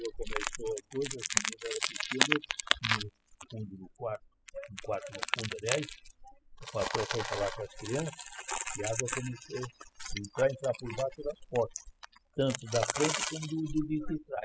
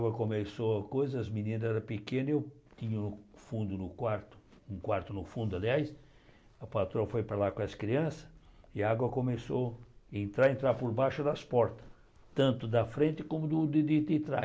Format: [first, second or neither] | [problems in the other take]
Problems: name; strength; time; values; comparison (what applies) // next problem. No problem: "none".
second | noise reduction (classical method spectral subtraction)